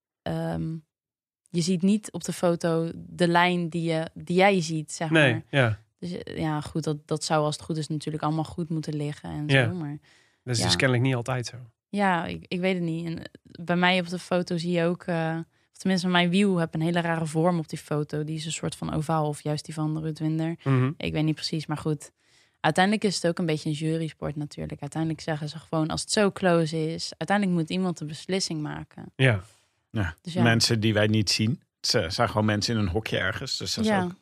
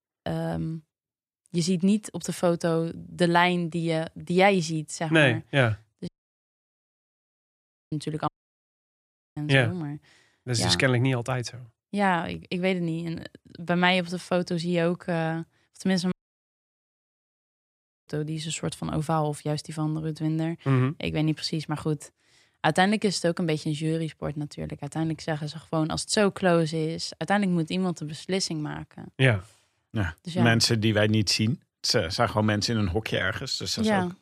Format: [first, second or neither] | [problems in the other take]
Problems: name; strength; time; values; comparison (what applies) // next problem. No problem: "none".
first | audio cutting out; at 6 s for 2 s, at 8.5 s for 1 s and at 16 s for 2 s